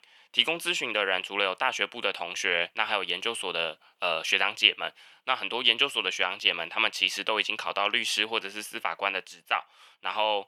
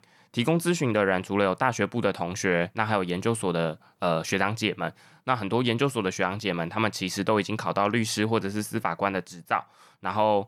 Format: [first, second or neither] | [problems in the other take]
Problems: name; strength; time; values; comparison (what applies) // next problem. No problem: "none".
second | thin; very; fading below 500 Hz